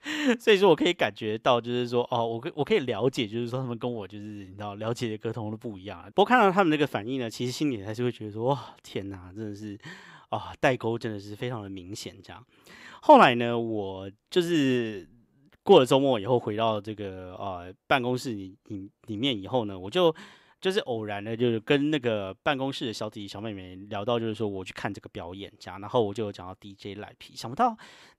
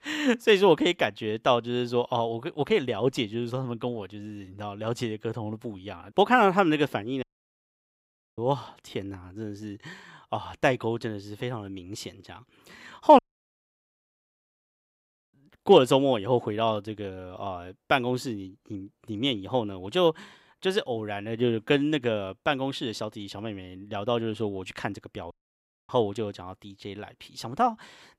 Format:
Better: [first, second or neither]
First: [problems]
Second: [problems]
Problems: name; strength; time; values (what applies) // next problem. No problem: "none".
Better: first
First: none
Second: audio cutting out; at 7 s for 1 s, at 13 s for 2 s and at 25 s for 0.5 s